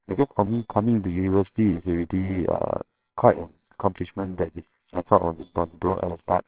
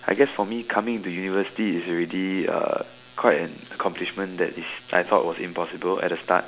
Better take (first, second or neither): second